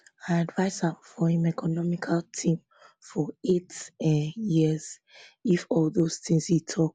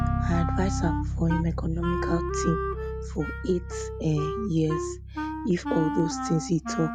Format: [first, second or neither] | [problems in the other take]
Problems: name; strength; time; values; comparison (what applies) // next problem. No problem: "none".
first | background sound (Wind instrument, woodwind instrument + Bass guitar); 1 dB below the speech